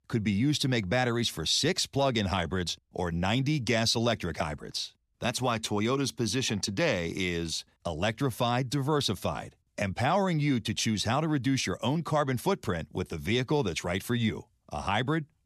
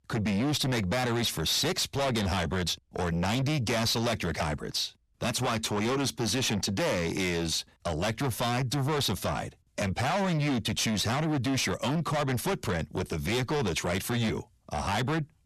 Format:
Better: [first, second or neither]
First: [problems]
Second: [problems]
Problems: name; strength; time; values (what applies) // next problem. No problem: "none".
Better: first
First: none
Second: distortion; heavy; 6 dB below the speech